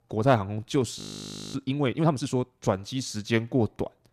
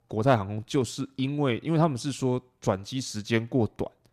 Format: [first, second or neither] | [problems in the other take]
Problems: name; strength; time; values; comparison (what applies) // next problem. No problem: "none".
second | audio freezing; at 1 s for 0.5 s